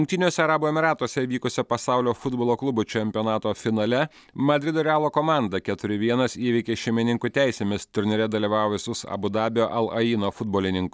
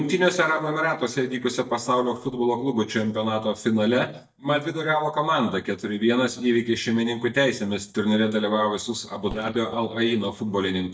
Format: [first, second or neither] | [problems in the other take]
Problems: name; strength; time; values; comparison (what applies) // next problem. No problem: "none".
first | noise reduction (neural mask model DeepFilterNet 3)